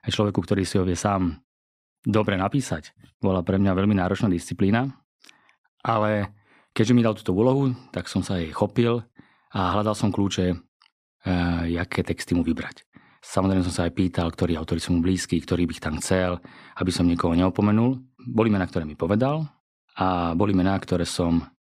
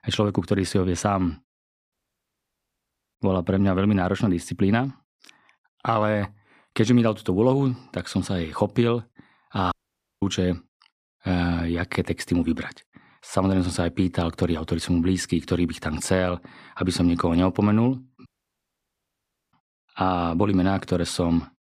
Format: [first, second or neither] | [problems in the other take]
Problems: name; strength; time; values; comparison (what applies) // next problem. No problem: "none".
first | audio cutting out; at 2 s for 1 s, at 9.5 s for 0.5 s and at 18 s for 1.5 s